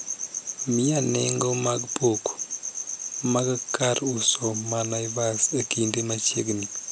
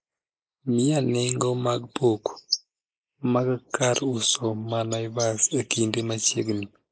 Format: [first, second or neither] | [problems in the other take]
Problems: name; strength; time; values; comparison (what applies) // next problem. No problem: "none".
first | noise reduction (neural mask model Resemble Enhance denoiser)